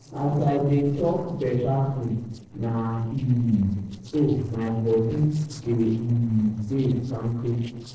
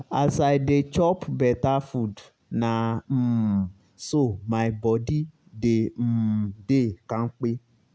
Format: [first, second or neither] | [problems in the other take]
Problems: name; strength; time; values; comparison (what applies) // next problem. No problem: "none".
second | noise reduction (neural separator model SepFormer DNS4)